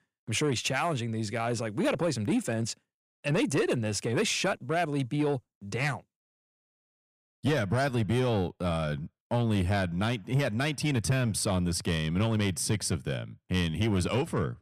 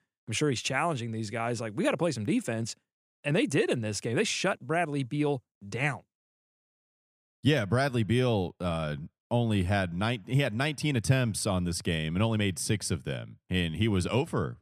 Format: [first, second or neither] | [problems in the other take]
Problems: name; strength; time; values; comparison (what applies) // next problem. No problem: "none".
second | distortion; slight; 10 dB below the speech